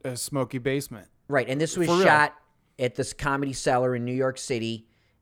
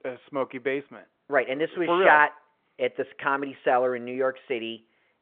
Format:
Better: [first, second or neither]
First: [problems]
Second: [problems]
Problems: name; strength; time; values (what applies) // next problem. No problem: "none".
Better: first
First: none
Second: phone-call audio